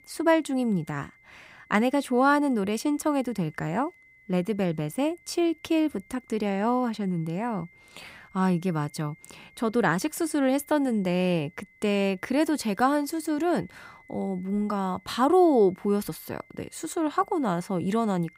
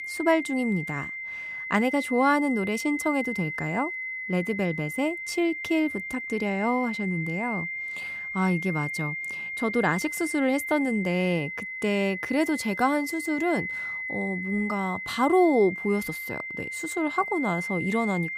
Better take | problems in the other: first | high-pitched whine; loud; throughout; 2 kHz, 5 dB below the speech; faint in the first

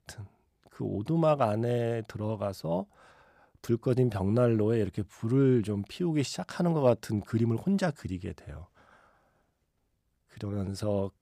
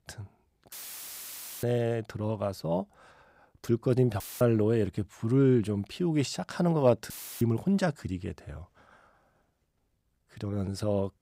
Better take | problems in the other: first | audio cutting out; filled with static; at 0.5 s for 1 s, at 4 s and at 7 s

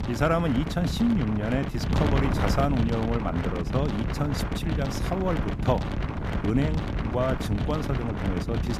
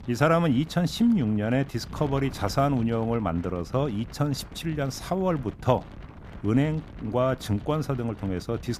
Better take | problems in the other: second | wind noise on the microphone; heavy; 3 dB below the speech; occasional gusts in the second

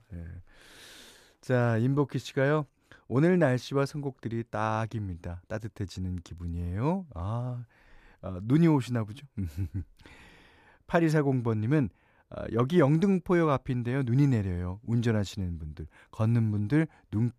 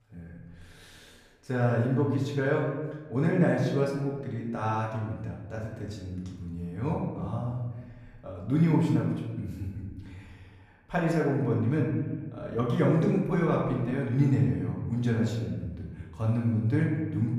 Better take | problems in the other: first | room echo; noticeable; dies away in 1.2 s // off-mic speech; far

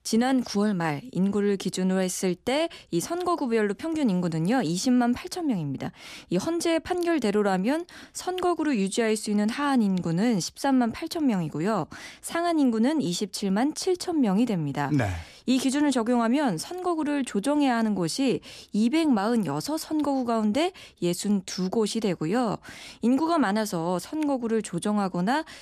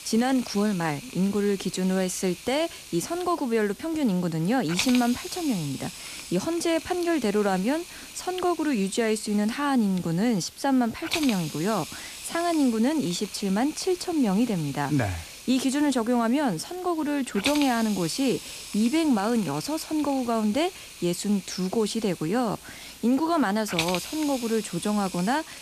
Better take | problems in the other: first | hiss; noticeable; throughout; 10 dB below the speech

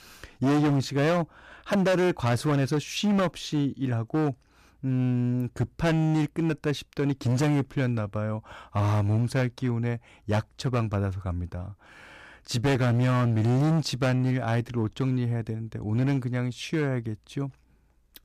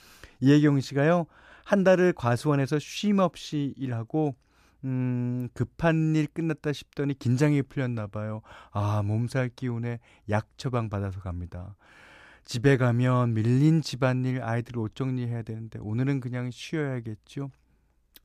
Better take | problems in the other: second | distortion; heavy; 12% of the sound clipped

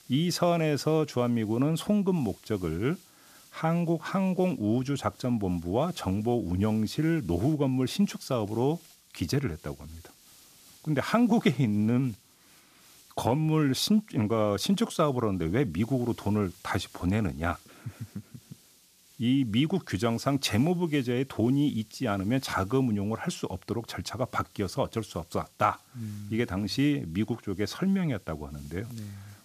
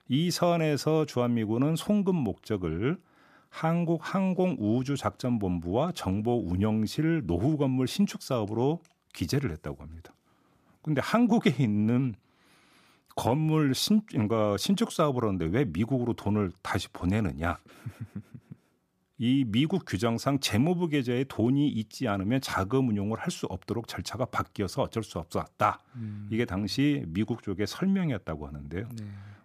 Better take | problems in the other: second | hiss; faint; throughout; 25 dB below the speech

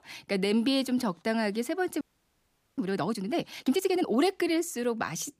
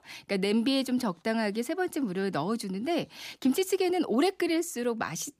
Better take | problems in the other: second | audio freezing; at 2 s for 1 s

